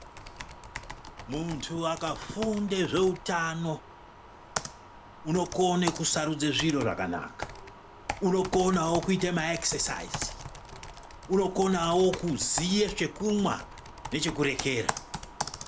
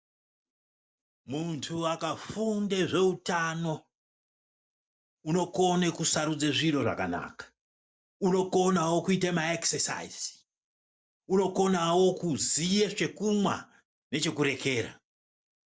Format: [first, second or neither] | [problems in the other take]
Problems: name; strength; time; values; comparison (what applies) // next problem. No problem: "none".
second | background sound (Computer keyboard); 11 dB below the speech